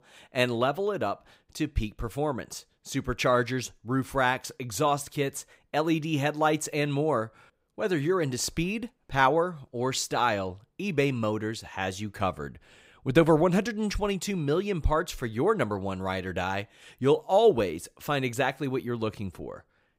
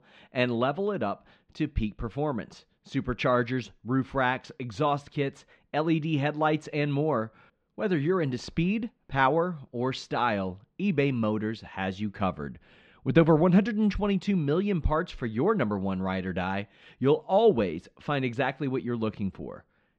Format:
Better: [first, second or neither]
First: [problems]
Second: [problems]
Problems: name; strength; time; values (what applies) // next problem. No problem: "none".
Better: first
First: none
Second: muffled; slightly; fading above 4 kHz